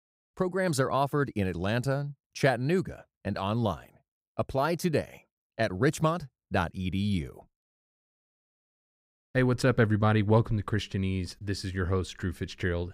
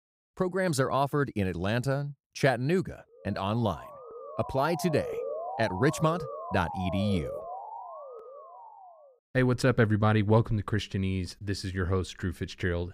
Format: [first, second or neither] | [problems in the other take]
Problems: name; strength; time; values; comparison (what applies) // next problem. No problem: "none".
first | siren; noticeable; from 3.5 to 9 s; peak 6 dB below the speech